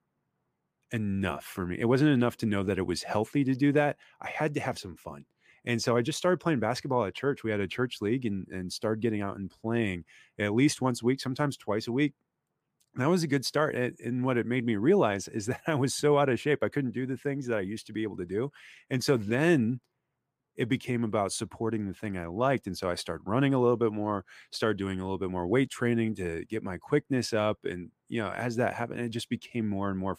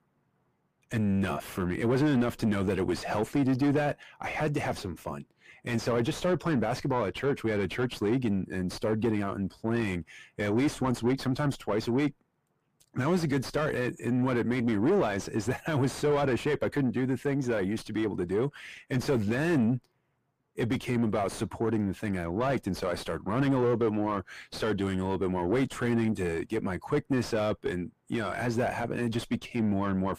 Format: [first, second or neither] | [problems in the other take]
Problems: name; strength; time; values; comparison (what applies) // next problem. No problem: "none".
first | distortion; heavy; 6 dB below the speech